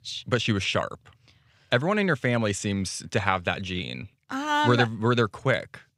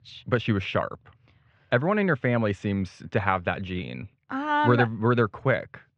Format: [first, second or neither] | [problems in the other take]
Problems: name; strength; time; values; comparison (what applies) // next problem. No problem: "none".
first | muffled; very; fading above 2 kHz